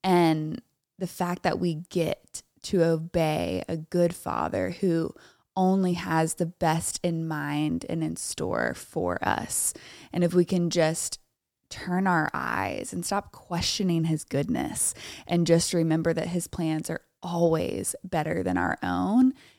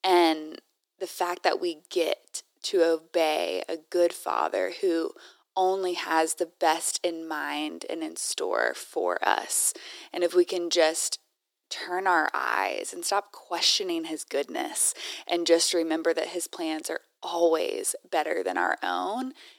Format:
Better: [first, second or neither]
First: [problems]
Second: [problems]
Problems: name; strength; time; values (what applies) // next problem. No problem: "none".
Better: first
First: none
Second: thin; very; fading below 350 Hz